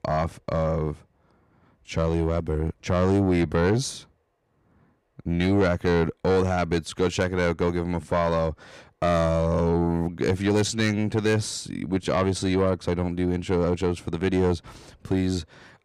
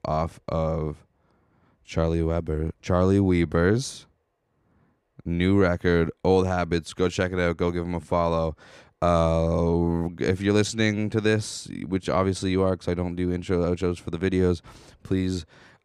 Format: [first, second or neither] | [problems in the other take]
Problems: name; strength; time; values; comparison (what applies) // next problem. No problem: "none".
second | distortion; slight; 10 dB below the speech